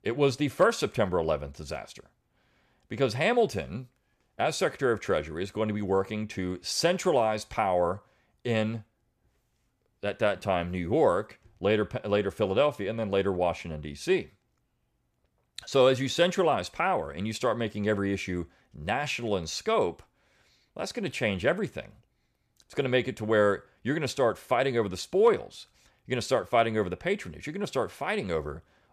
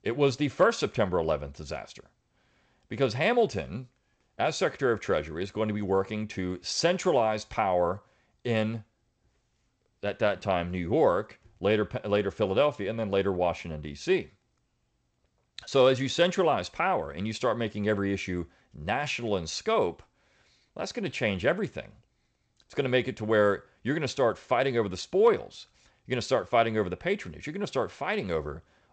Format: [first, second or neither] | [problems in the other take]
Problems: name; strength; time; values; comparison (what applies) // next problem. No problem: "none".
first | garbled, watery; slightly; nothing above 8 kHz